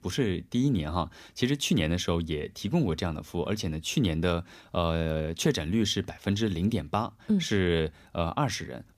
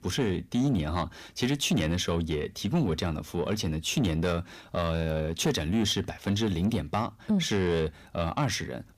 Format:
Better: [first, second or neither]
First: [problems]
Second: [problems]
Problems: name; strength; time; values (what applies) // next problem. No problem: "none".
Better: first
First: none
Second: distortion; slight; 10 dB below the speech